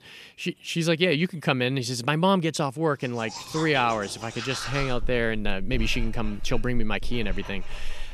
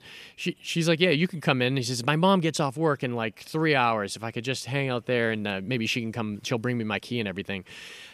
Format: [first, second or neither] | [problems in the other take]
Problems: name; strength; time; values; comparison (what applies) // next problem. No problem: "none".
second | household noises; noticeable; from 3.5 s on; 10 dB below the speech